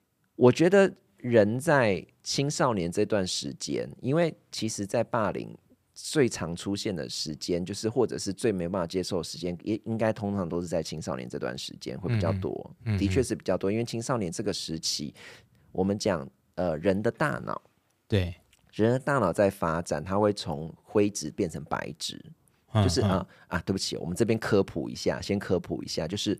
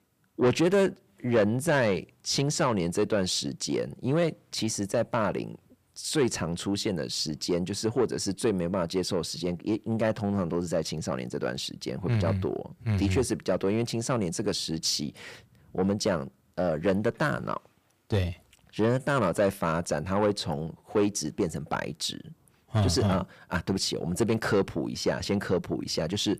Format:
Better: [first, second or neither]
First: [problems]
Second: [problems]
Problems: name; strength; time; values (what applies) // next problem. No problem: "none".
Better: first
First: none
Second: distortion; slight; 10 dB below the speech